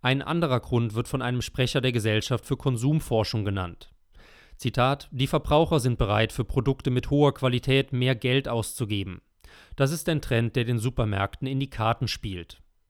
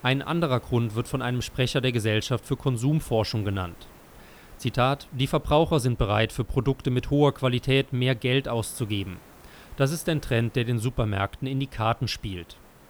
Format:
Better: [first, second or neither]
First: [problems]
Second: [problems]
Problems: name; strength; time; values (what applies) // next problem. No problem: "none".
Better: first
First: none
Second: hiss; faint; throughout; 25 dB below the speech